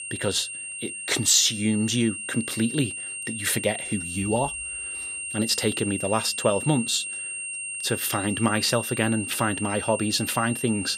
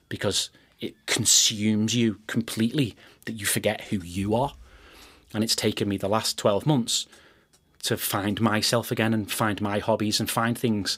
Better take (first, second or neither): second